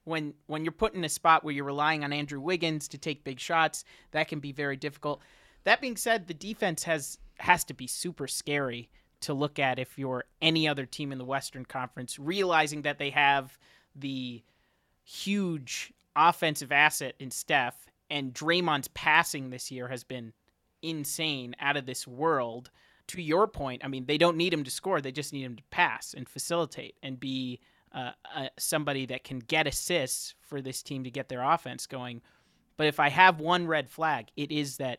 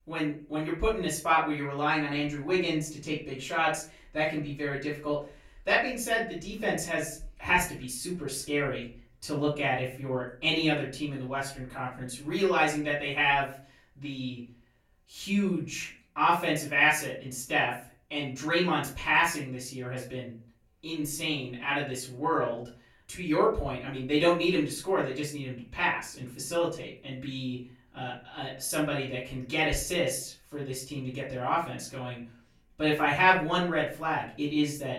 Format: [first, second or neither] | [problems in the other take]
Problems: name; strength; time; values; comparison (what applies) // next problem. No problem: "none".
first | off-mic speech; far // room echo; slight; dies away in 0.3 s